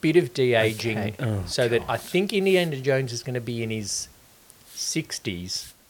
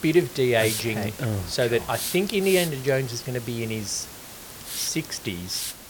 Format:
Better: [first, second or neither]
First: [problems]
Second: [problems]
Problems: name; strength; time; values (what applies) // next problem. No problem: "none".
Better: first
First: hiss; faint; throughout; 20 dB below the speech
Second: hiss; loud; throughout; 8 dB below the speech